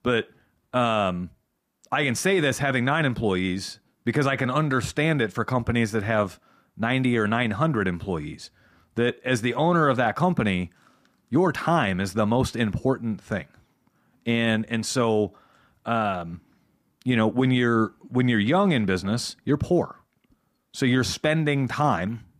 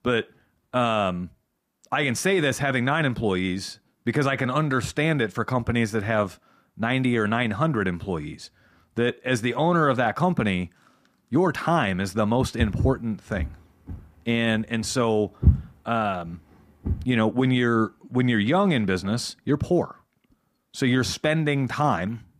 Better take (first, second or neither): first